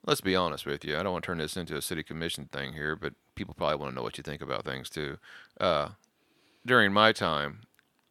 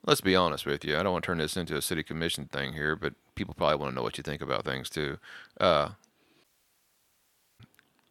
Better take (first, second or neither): first